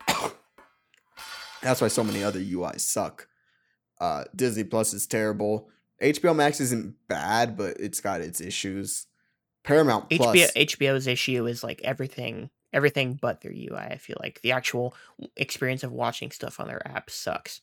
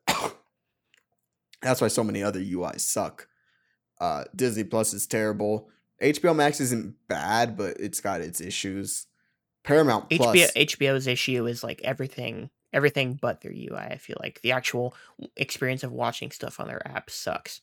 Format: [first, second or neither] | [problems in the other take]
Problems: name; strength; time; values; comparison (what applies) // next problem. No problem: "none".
second | clattering dishes; faint; until 2.5 s; peak 10 dB below the speech